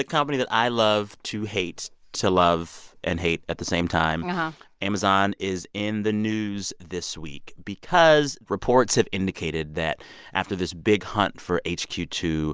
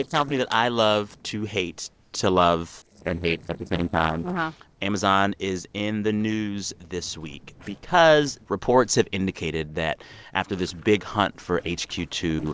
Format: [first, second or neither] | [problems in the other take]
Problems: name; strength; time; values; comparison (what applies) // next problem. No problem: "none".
first | noise reduction (neural separator model SepFormer DNS4)